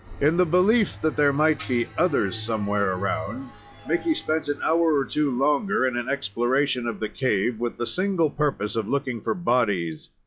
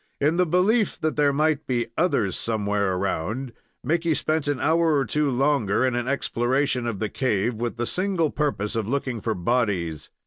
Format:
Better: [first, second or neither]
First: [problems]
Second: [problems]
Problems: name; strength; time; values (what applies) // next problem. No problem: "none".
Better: second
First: noise reduction (classical method log-MMSE)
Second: none